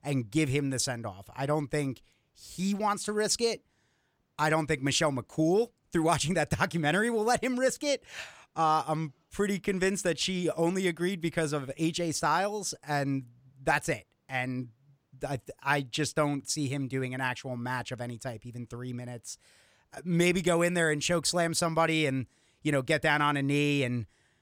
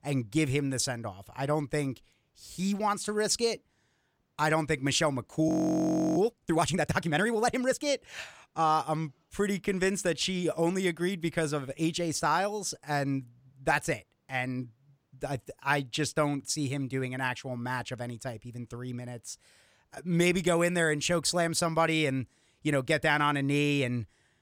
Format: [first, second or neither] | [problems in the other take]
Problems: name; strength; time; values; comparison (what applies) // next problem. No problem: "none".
first | audio freezing; at 5.5 s for 0.5 s